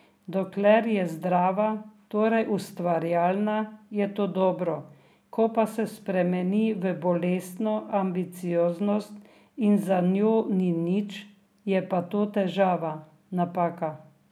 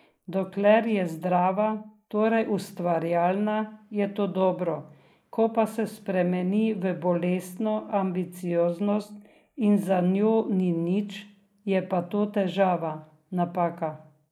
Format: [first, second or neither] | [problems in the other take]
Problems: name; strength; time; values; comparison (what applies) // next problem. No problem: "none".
first | noise reduction (neural mask model Resemble Enhance denoiser)